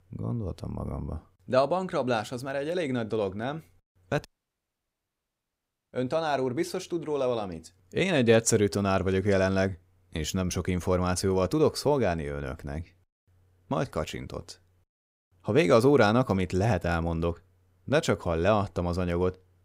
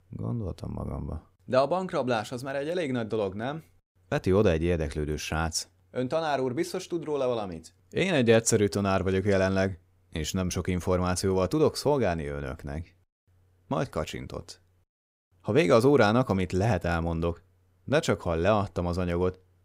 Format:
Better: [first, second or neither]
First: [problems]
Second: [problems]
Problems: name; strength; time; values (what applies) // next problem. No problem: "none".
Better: second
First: audio cutting out; at 4.5 s for 1.5 s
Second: none